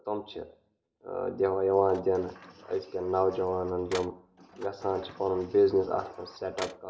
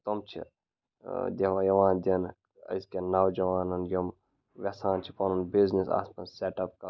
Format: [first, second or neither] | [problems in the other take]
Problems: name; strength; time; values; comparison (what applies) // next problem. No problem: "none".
second | background sound (Sliding door); 18 dB below the speech // room echo; dies away in 0.5 s